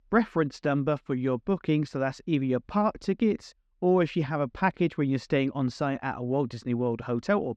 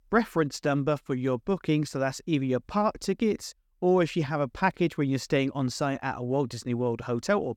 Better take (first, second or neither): second